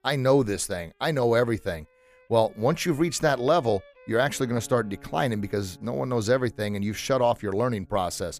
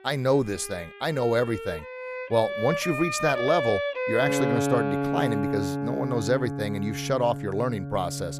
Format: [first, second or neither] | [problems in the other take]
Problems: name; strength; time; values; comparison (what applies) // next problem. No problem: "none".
first | background music; loud; throughout; 3 dB below the speech; faint in the first